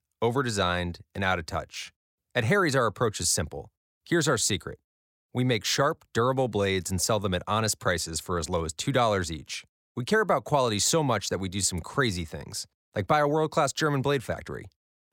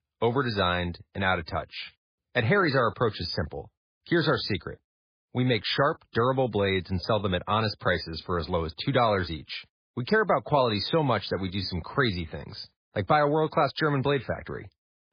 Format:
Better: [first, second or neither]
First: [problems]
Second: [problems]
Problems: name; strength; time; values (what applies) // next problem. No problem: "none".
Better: first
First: none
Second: garbled, watery; badly; nothing above 5 kHz